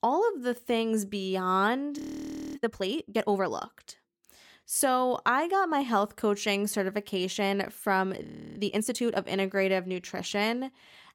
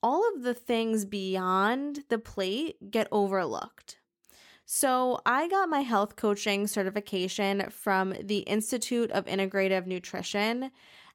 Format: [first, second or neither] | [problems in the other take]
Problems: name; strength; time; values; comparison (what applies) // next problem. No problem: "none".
second | audio freezing; at 2 s for 0.5 s and at 8 s